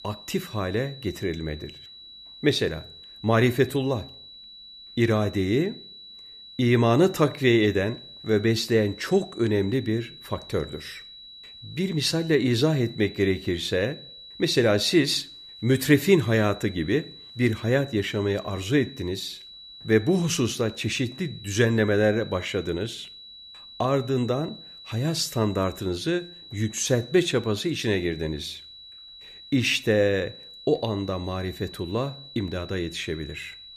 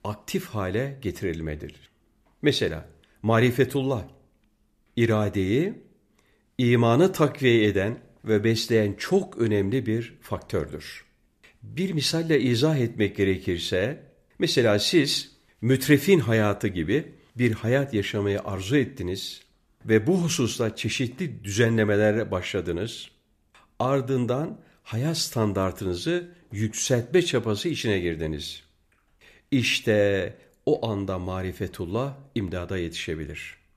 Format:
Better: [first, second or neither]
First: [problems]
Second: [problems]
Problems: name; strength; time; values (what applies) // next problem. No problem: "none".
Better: second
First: high-pitched whine; noticeable; throughout; 4 kHz, 15 dB below the speech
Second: none